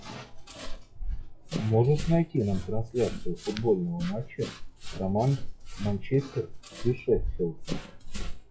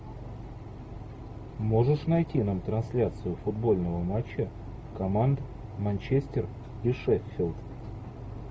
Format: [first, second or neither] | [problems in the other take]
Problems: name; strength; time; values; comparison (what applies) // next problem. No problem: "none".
second | noise reduction (classical method log-MMSE)